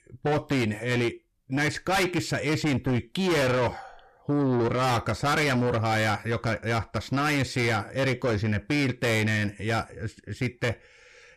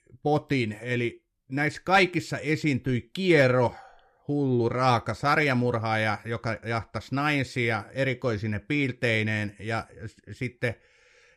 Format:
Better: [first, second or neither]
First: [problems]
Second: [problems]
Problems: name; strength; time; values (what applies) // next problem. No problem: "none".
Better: second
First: distortion; heavy; 6 dB below the speech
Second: none